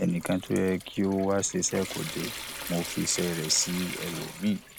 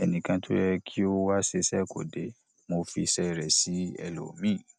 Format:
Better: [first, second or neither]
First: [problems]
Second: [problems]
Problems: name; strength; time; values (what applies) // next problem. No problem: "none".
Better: second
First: background sound (Trickle, dribble / Sink (filling or washing) / Water tap, faucet); 10 dB below the speech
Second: none